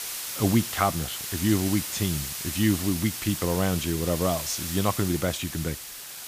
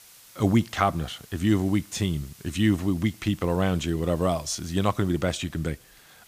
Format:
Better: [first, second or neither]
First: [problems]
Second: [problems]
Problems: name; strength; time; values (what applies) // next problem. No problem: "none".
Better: second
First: hiss; loud; throughout; 5 dB below the speech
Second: hiss; faint; throughout; 25 dB below the speech